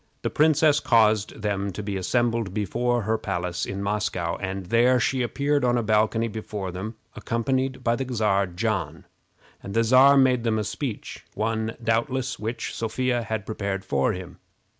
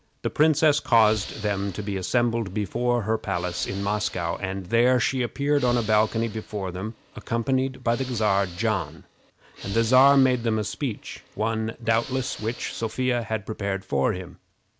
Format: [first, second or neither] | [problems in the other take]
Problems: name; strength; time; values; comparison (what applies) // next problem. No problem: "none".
first | background sound (Hiss / Breathing); 18 dB below the speech